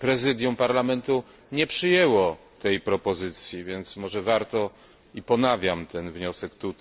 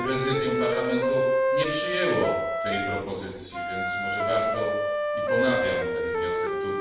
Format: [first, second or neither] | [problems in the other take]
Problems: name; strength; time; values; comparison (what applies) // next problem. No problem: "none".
first | background sound (Wind instrument, woodwind instrument); 4 dB above the speech // room echo; dies away in 0.7 s